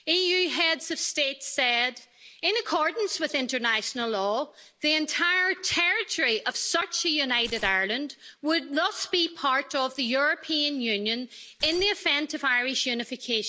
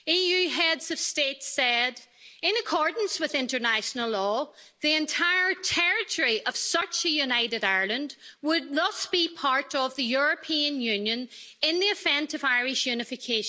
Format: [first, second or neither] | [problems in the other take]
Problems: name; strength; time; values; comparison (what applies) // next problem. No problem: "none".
second | background sound (Tearing); 18 dB below the speech